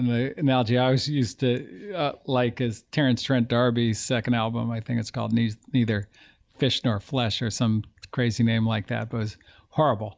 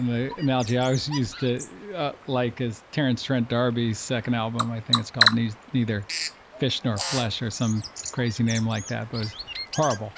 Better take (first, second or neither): first